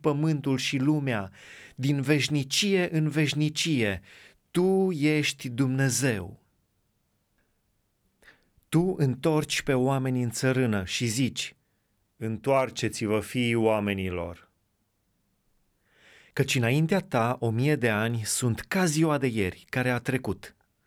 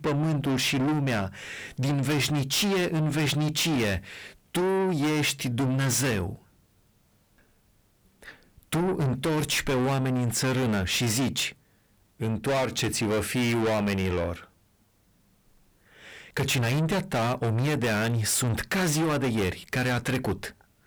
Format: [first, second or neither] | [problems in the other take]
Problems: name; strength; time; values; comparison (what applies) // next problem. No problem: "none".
first | distortion; heavy; 5 dB below the speech